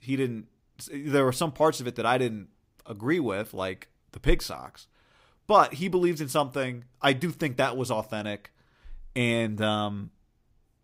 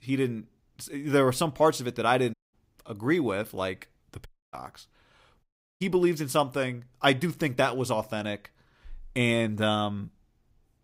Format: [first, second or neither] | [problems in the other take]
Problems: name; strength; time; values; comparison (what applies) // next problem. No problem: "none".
first | audio cutting out; at 2.5 s, at 4.5 s and at 5.5 s